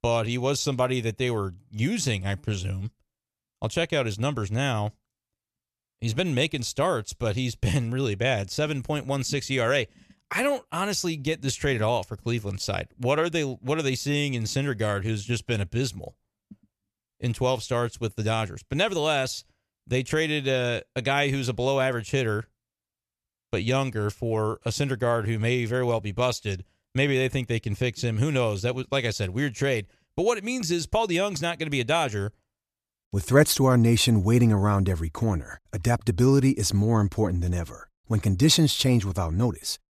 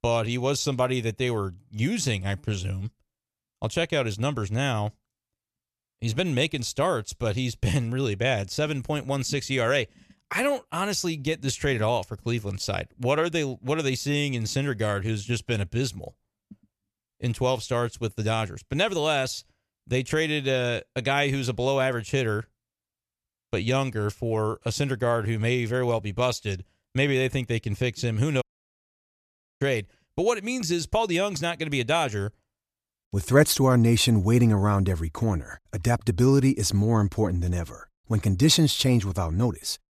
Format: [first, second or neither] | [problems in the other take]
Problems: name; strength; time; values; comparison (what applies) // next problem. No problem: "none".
first | audio cutting out; at 28 s for 1 s